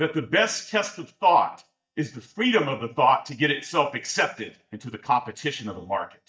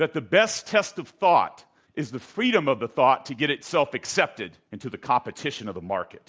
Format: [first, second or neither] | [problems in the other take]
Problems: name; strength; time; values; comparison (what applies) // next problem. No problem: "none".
second | noise reduction (neural mask model DeepFilterNet 3)